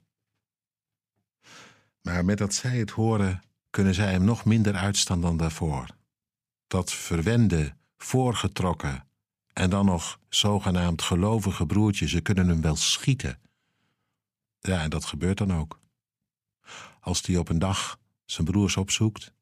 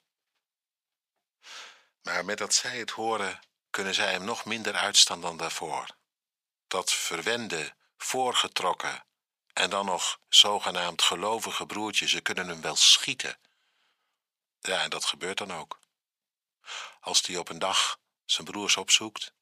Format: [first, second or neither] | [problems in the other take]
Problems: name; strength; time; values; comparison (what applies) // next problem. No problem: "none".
first | thin; very; fading below 700 Hz